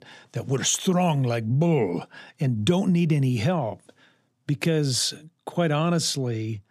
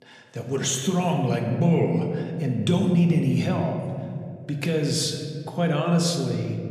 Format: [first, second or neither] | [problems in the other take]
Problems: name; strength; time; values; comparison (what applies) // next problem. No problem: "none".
first | room echo; slight; dies away in 1.9 s